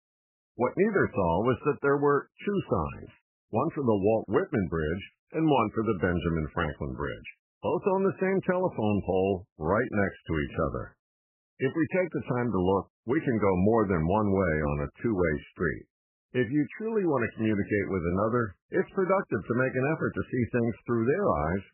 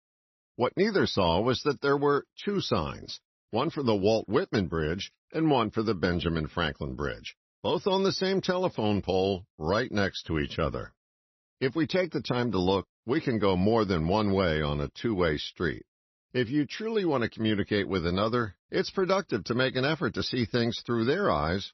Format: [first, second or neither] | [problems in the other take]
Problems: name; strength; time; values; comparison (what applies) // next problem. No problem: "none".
second | garbled, watery; badly; nothing above 3 kHz; slightly in the second